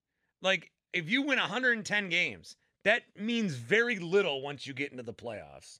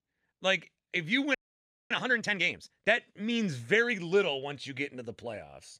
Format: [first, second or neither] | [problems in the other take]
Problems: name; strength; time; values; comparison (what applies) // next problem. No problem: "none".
first | audio freezing; at 1.5 s for 0.5 s